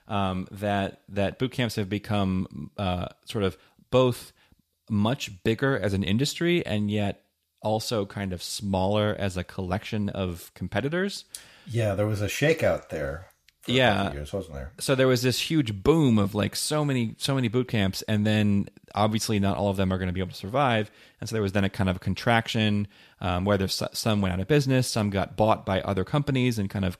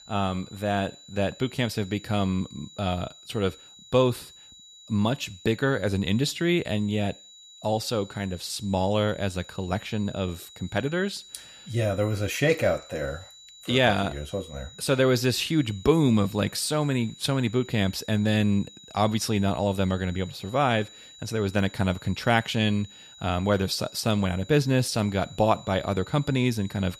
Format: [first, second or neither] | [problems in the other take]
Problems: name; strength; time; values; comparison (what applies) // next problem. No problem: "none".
first | high-pitched whine; faint; throughout; 4 kHz, 20 dB below the speech